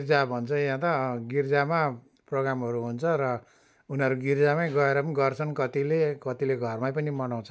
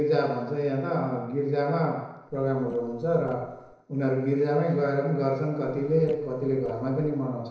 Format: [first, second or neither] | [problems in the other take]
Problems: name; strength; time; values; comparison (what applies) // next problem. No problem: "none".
first | noise reduction (neural separator model SepFormer DNS4)